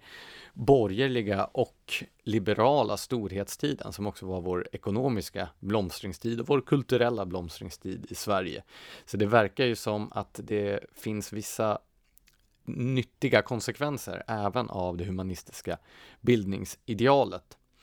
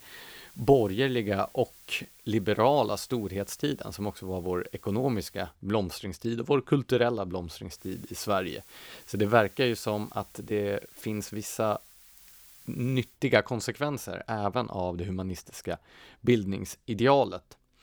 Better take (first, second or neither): first